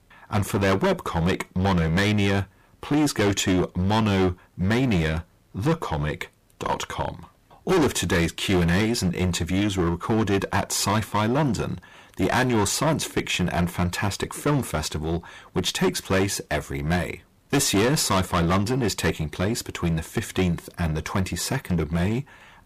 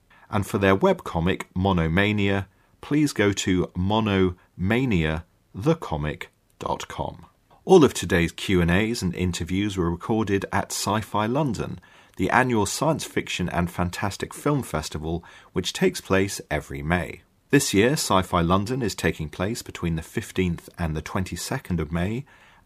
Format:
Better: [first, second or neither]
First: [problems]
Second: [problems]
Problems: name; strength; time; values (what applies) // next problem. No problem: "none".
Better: second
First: distortion; heavy; 13% of the sound clipped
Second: none